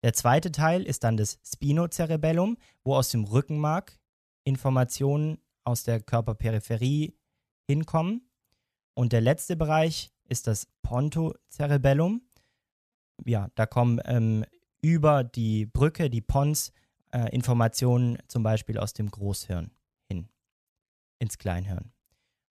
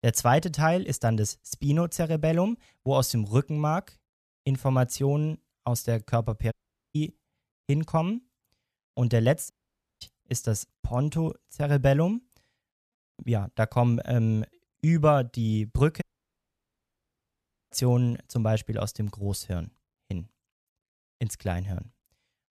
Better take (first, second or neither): first